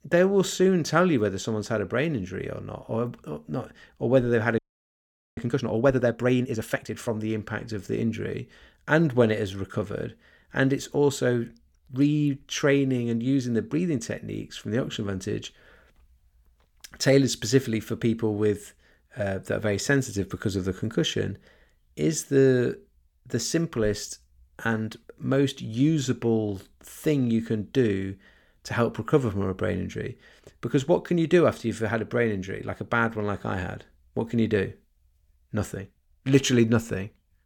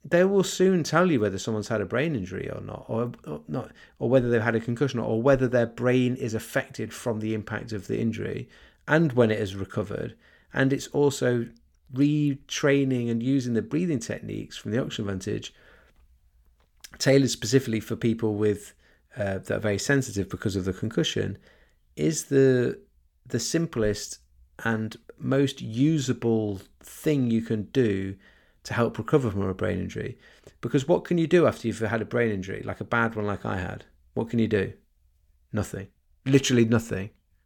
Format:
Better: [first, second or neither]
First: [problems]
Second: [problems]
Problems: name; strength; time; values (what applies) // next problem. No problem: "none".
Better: second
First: audio freezing; at 4.5 s for 1 s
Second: none